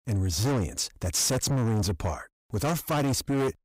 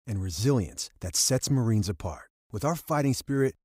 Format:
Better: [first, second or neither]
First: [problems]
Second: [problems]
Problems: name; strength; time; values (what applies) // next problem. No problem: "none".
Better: second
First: distortion; heavy; 6 dB below the speech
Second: none